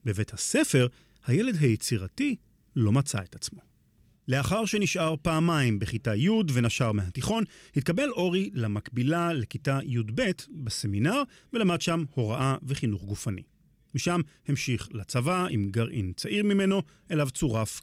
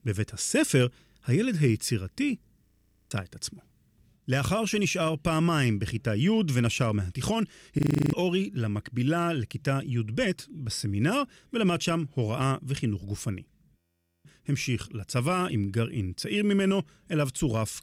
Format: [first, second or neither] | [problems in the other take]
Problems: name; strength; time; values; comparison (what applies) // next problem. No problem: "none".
first | audio freezing; at 2.5 s, at 8 s and at 14 s